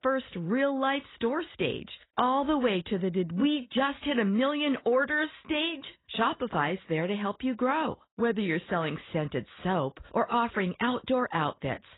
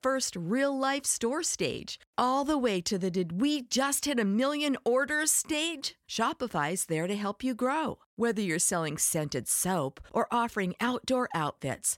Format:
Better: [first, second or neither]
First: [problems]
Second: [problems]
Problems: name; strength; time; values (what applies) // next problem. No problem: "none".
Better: second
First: garbled, watery; badly; nothing above 3.5 kHz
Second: none